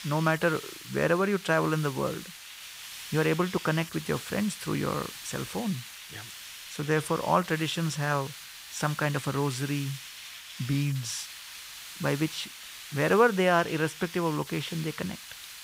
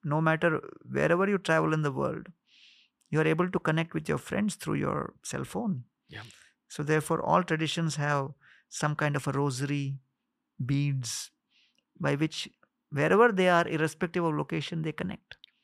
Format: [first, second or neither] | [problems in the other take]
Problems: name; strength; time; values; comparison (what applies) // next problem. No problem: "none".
second | hiss; noticeable; throughout; 10 dB below the speech